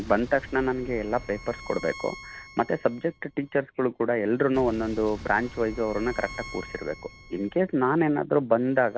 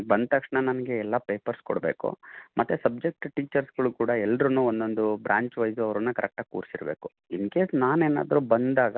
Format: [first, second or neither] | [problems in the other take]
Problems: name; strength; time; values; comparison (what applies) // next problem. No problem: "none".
second | background sound (Explosion + Bowed string instrument); 17 dB below the speech